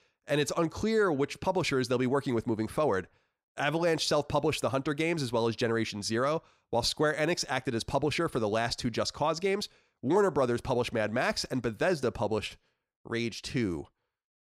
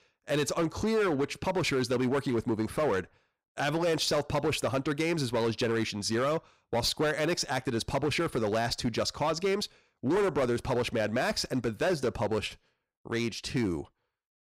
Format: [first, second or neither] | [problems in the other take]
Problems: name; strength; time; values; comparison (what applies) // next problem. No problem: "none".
first | distortion; slight; 10% of the sound clipped